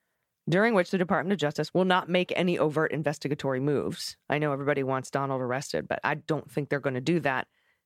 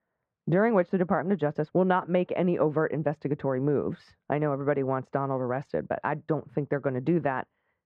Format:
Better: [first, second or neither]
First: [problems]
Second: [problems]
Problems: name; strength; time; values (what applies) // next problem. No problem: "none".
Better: first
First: none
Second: muffled; very; fading above 4 kHz